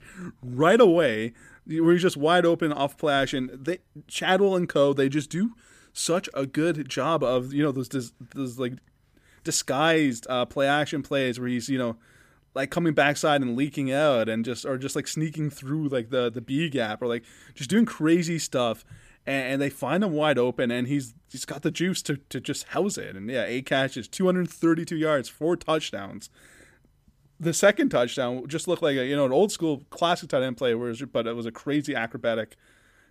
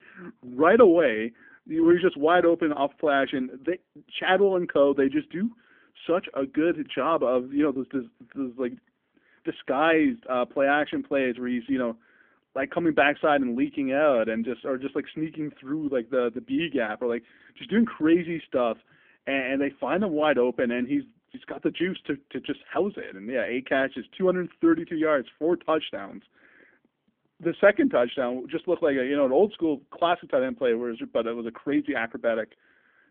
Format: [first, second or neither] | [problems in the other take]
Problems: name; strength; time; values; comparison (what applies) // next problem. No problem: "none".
first | phone-call audio; nothing above 3.5 kHz